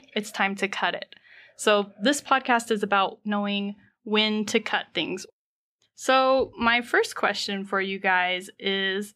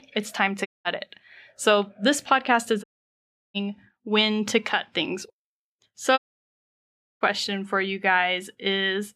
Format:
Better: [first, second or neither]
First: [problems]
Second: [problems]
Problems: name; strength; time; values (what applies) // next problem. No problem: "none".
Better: first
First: none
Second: audio cutting out; at 0.5 s, at 3 s for 0.5 s and at 6 s for 1 s